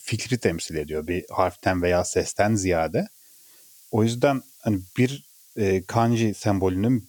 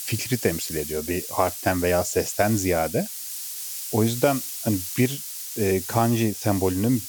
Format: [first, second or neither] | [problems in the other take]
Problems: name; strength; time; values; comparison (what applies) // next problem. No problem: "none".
first | hiss; loud; throughout; 7 dB below the speech; faint in the first